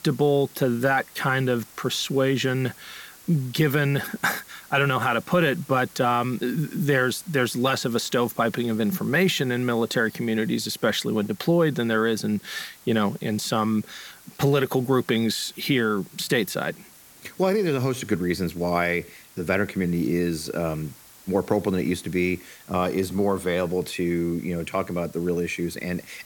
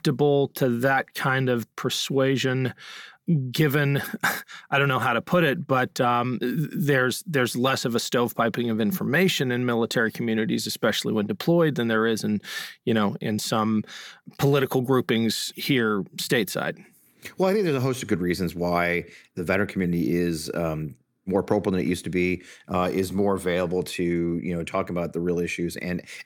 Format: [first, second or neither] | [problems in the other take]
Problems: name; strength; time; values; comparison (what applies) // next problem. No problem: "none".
second | hiss; faint; throughout; 20 dB below the speech